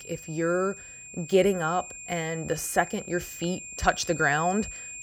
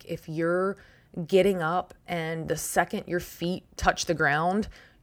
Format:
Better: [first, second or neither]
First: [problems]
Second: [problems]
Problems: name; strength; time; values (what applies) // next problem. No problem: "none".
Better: second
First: high-pitched whine; noticeable; throughout; 7.5 kHz, 10 dB below the speech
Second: none